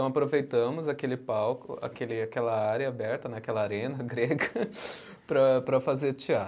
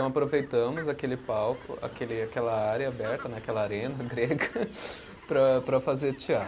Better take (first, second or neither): first